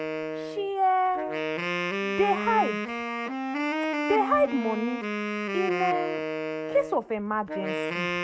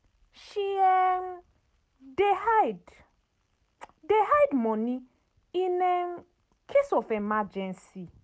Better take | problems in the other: second | background sound (Wind instrument, woodwind instrument); 2 dB below the speech

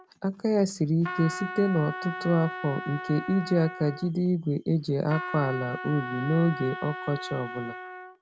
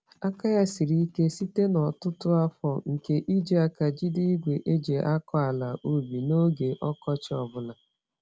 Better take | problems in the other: second | background sound (Trumpet); 11 dB below the speech

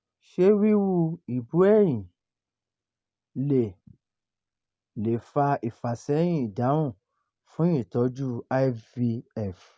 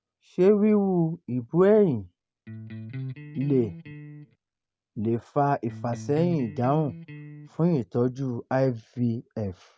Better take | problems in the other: first | background sound (Electric guitar); 13 dB below the speech

